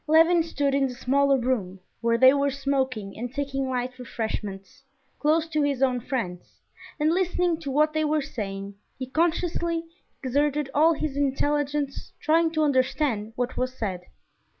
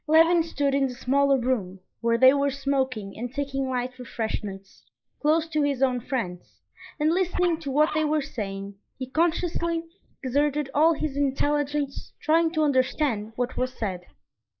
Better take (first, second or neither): first